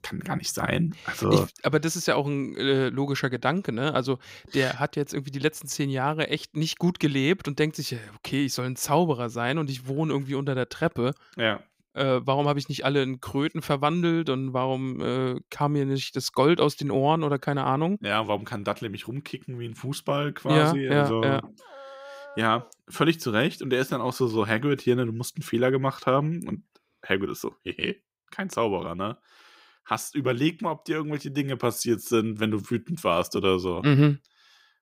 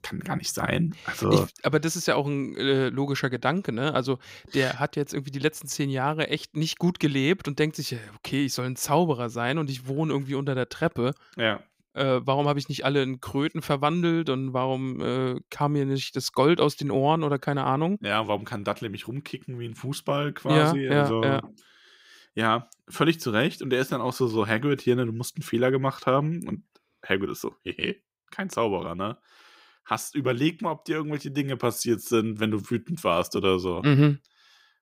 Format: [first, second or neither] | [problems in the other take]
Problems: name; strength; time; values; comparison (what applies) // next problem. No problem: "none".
second | dog barking; faint; from 22 to 23 s; peak 15 dB below the speech